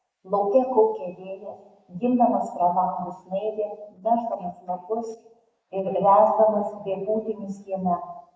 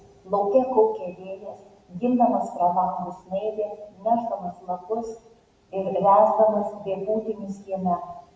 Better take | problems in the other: second | noise reduction (neural mask model Resemble Enhance denoiser)

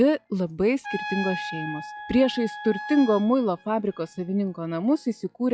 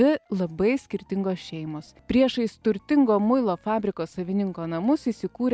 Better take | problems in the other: second | noise reduction (classical method log-MMSE)

